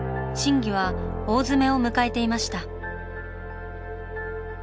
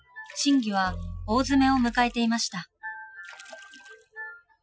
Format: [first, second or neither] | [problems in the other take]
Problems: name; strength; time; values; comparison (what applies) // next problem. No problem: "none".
first | noise reduction (classical method Wiener filter)